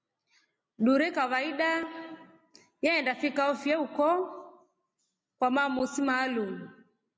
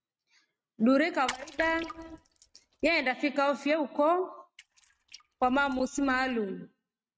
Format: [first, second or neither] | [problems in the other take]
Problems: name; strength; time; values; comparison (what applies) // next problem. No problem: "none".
first | noise reduction (neural mask model RNNoise)